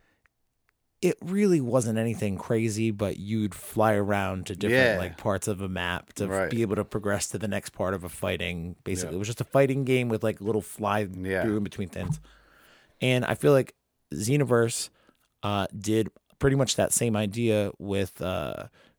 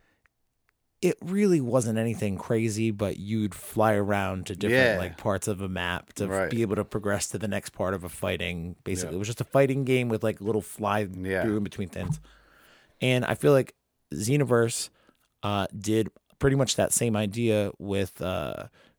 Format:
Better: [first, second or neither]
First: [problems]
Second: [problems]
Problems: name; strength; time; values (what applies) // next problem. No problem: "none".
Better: neither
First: none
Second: none